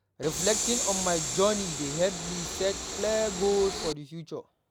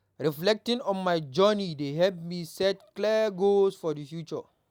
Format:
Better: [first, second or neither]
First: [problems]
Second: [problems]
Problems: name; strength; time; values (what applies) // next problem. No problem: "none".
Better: second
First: background sound (Train); 3 dB below the speech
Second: none